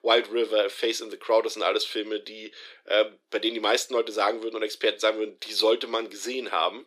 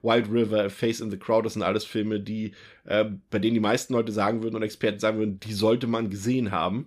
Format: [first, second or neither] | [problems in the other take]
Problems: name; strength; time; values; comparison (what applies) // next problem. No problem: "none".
second | thin; very; fading below 350 Hz